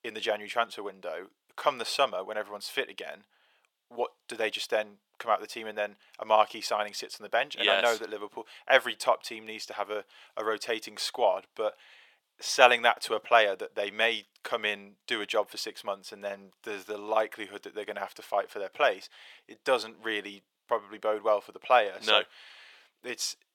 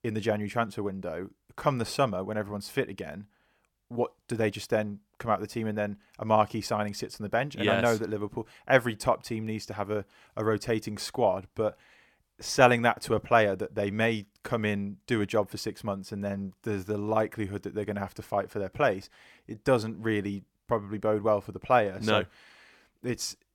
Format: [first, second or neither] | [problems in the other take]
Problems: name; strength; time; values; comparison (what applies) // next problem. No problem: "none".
second | thin; very; fading below 600 Hz